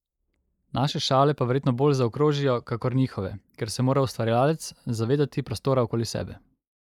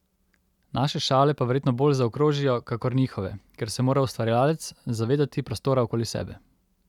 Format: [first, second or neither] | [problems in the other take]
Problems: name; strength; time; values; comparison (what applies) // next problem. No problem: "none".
second | noise reduction (neural mask model Resemble Enhance denoiser)